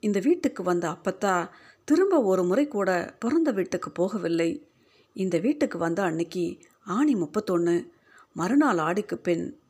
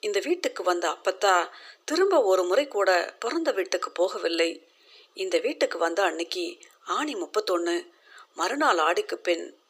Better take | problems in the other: first | thin; very; fading below 400 Hz

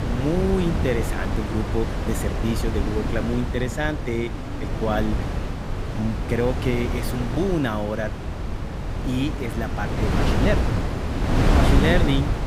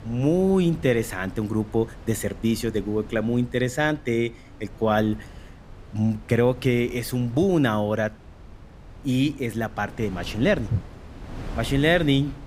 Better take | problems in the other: second | wind noise on the microphone; heavy; 2 dB below the speech; occasional gusts in the second

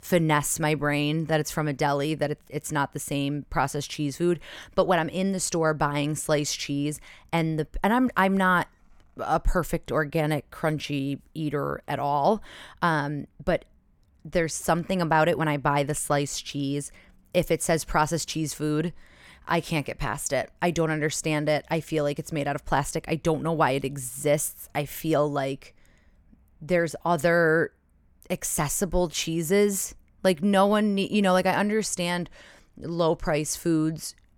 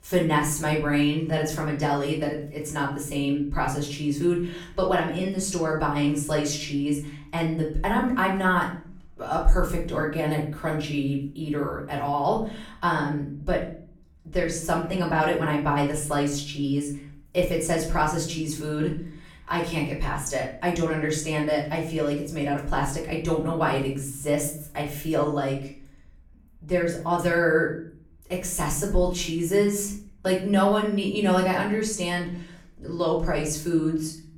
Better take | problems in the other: first | room echo; slight; dies away in 0.4 s // off-mic speech; far

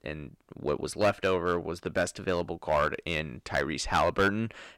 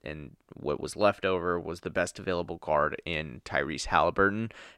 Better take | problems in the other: second | distortion; slight; 2% of the sound clipped

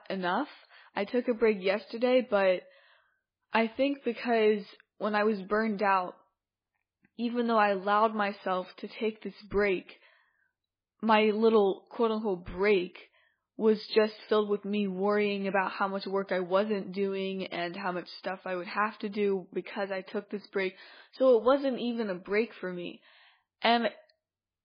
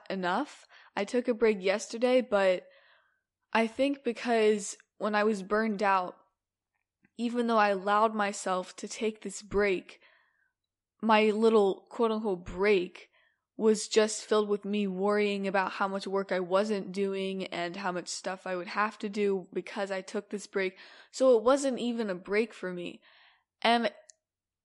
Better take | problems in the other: second | garbled, watery; badly; nothing above 4 kHz; slightly in the second

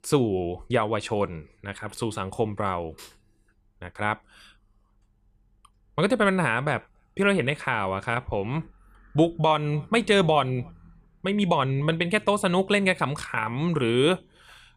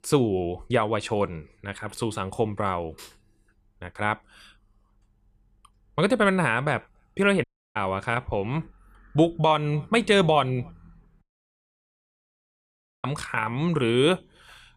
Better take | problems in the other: first | audio cutting out; at 7.5 s and at 11 s for 2 s

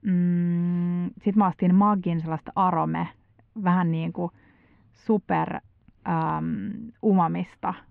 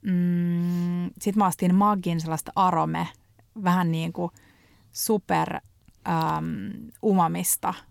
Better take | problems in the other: second | muffled; very; fading above 2.5 kHz

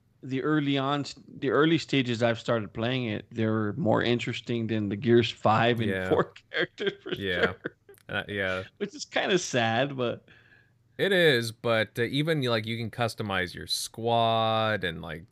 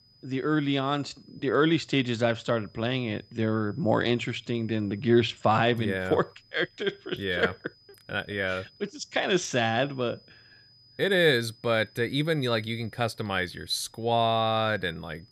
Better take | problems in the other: first | high-pitched whine; faint; throughout; 5 kHz, 30 dB below the speech

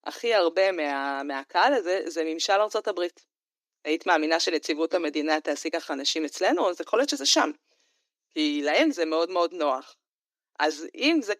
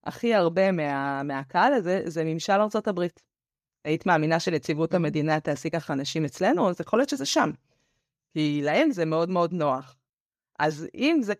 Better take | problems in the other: second | thin; very slightly; fading below 300 Hz

